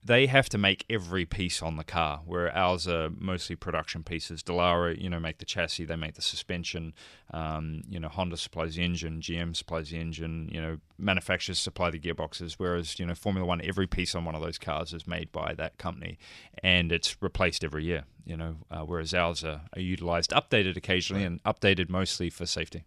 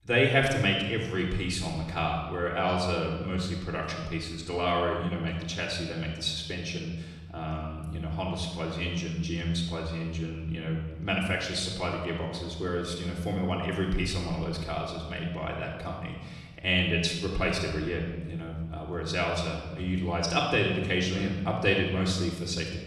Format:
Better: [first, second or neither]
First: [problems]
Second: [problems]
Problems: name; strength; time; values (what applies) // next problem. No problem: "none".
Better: first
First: none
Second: off-mic speech; far // room echo; noticeable; dies away in 1.2 s